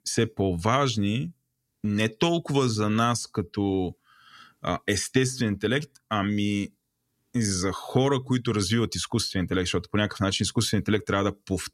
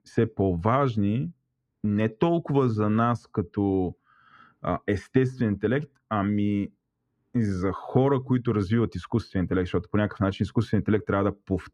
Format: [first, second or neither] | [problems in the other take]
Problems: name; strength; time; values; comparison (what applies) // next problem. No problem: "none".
first | muffled; very; fading above 3 kHz